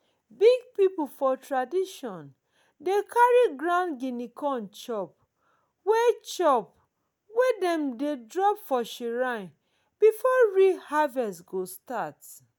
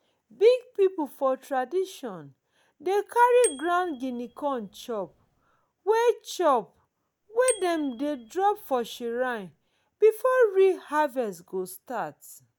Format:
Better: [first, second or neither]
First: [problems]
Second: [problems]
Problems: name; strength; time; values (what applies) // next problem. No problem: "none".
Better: first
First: none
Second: background sound (Bicycle bell); 16 dB below the speech